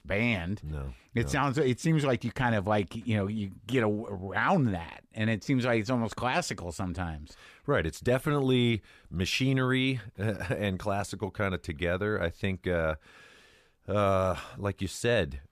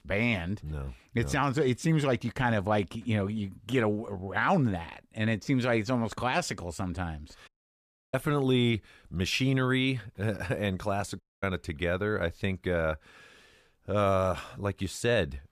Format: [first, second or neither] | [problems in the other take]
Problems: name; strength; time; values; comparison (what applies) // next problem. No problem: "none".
first | audio cutting out; at 7.5 s for 0.5 s and at 11 s